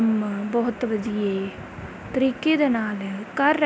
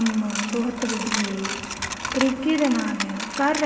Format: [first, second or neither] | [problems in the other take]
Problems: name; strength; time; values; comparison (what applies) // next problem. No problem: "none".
first | background sound (Coin (dropping)); 6 dB below the speech // room echo; dies away in 2 s